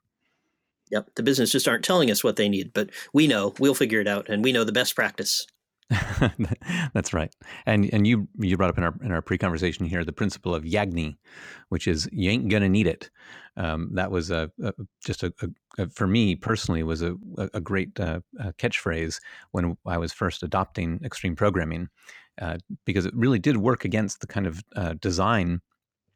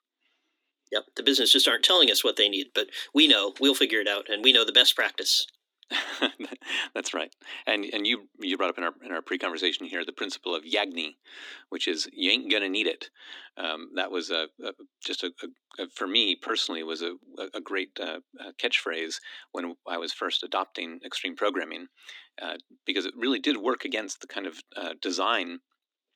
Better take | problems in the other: first | thin; very slightly; fading below 250 Hz

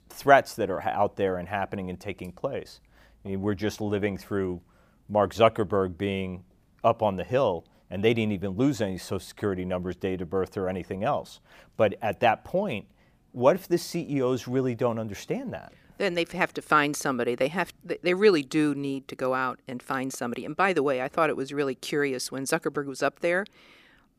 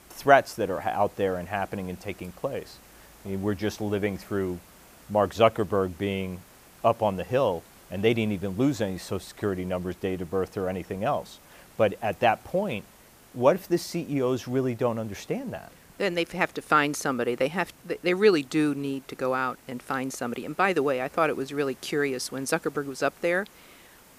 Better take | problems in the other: first | hiss; faint; throughout; 25 dB below the speech

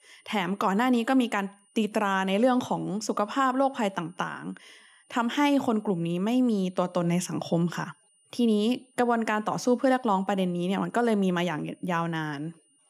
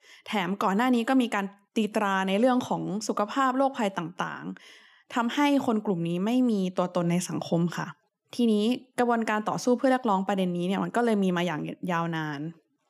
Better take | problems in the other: second | high-pitched whine; faint; throughout; 9.5 kHz, 35 dB below the speech

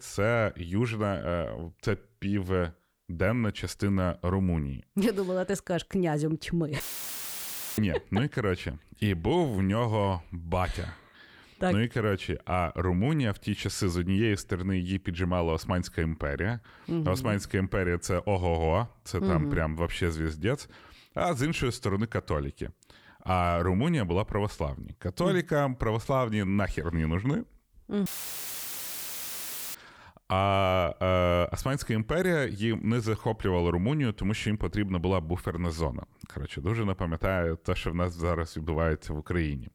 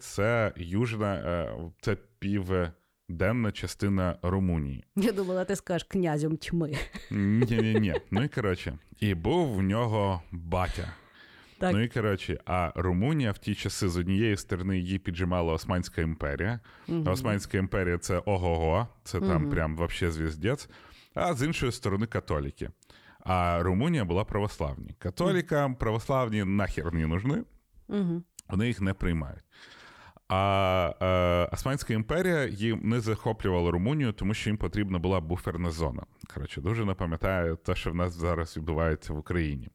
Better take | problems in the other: second | audio cutting out; filled with static; at 7 s for 1 s and at 28 s for 1.5 s

